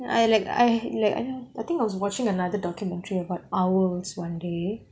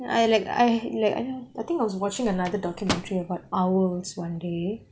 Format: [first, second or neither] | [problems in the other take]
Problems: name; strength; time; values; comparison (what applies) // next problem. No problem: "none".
first | background sound (Microwave oven); 12 dB below the speech